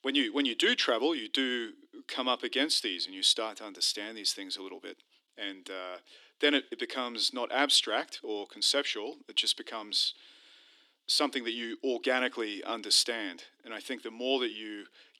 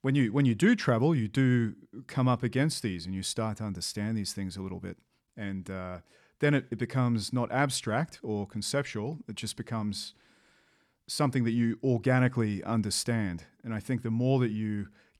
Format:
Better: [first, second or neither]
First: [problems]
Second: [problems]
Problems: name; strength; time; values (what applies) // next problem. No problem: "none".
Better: second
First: thin; somewhat; fading below 300 Hz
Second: none